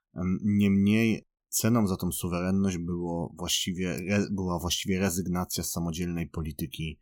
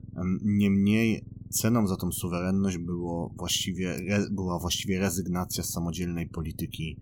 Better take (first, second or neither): first